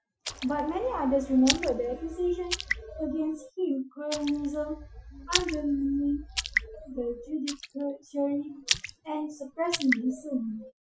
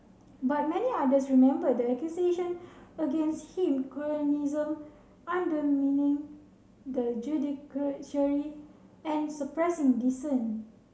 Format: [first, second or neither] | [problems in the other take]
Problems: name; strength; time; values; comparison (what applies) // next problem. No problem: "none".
second | noise reduction (classical method Wiener filter)